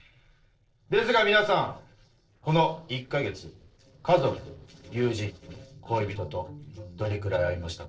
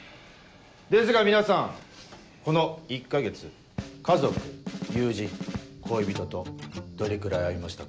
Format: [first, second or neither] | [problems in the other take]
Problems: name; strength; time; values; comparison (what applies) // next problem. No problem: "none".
second | noise reduction (neural separator model SepFormer DNS4)